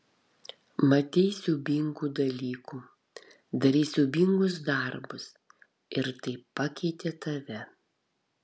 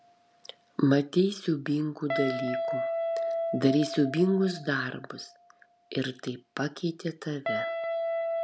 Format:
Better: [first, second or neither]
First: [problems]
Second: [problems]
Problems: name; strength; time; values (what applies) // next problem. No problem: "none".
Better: first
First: none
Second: background sound (Guitar); 5 dB below the speech